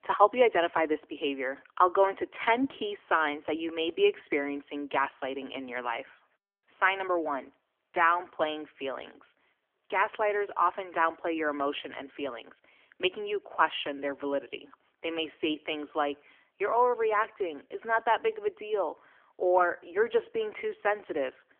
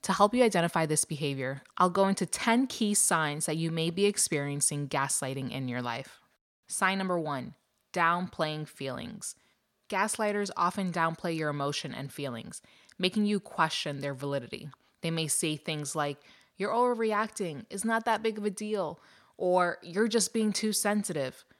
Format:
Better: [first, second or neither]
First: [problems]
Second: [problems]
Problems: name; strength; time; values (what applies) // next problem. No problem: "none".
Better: second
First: phone-call audio; nothing above 3.5 kHz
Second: none